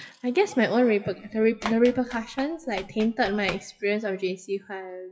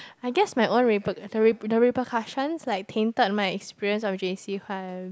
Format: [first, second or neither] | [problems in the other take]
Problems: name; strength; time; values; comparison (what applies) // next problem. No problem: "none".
second | noise reduction (classical method WPE with log-MMSE)